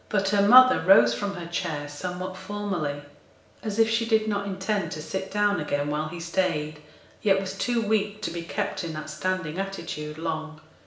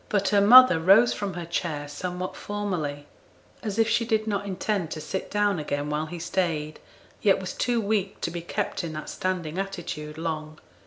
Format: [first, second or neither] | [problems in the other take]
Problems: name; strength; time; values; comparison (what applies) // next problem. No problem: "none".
second | room echo; dies away in 0.7 s